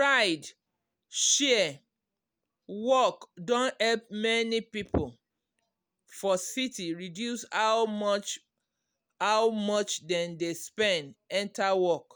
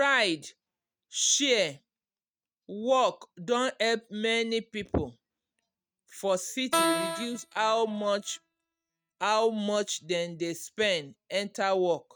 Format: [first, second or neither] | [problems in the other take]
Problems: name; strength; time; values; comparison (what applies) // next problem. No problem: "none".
first | noise reduction (neural mask model RNNoise)